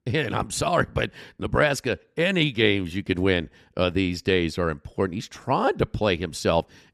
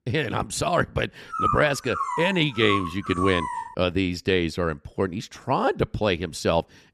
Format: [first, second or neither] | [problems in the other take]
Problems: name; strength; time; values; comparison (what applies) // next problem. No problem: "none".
first | dog barking; noticeable; from 1.5 to 3.5 s; peak 1 dB below the speech